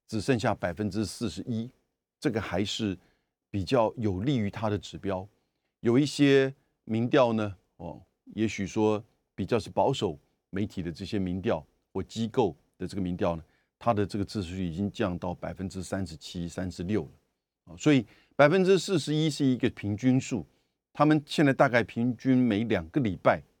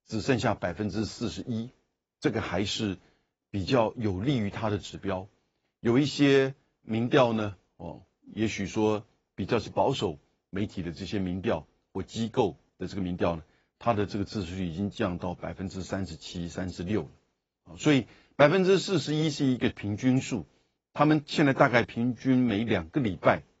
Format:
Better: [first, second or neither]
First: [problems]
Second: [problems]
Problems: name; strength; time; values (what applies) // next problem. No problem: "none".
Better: first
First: none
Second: garbled, watery; badly; nothing above 7.5 kHz